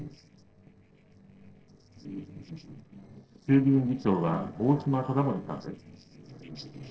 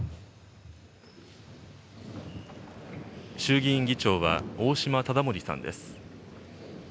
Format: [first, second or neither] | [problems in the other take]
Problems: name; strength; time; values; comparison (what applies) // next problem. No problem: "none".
second | noise reduction (neural separator model SepFormer DNS4)